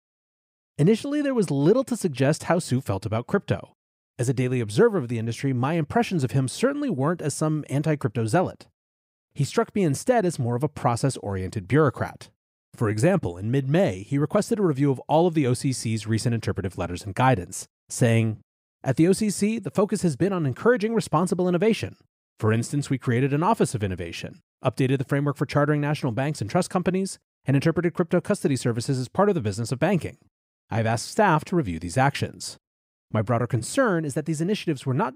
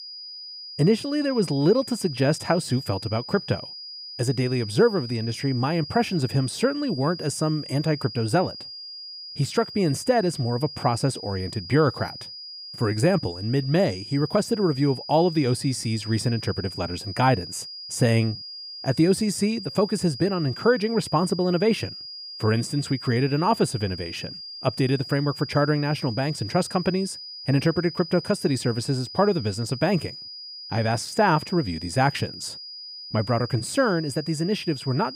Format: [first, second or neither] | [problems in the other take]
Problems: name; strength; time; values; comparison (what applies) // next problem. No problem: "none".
first | high-pitched whine; noticeable; throughout; 5 kHz, 10 dB below the speech